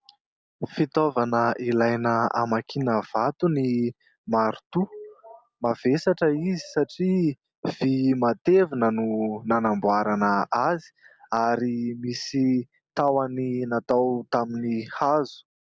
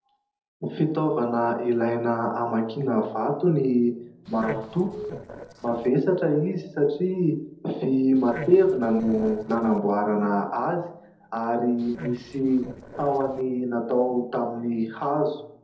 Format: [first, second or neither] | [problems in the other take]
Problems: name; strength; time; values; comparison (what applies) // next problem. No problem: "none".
first | noise reduction (neural separator model SepFormer DNS4)